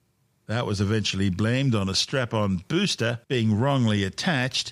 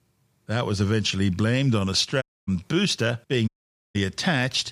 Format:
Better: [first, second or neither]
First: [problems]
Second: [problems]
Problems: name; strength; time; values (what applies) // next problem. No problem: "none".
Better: first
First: none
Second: audio cutting out; at 2 s and at 3.5 s